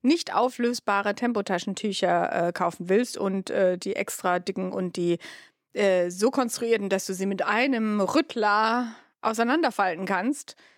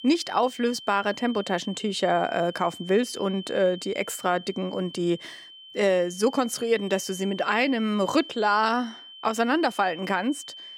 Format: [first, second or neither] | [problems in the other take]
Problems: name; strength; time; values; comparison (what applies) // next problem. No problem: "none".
first | high-pitched whine; noticeable; throughout; 3 kHz, 15 dB below the speech